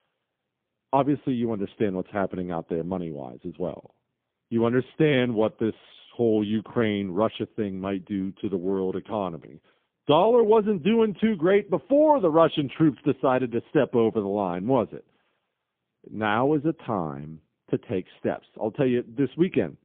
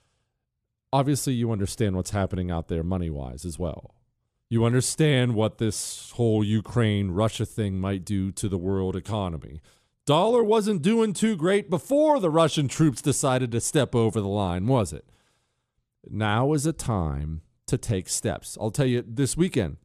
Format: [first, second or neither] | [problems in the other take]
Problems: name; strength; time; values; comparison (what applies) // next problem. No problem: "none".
second | phone-call audio; poor line; nothing above 3.5 kHz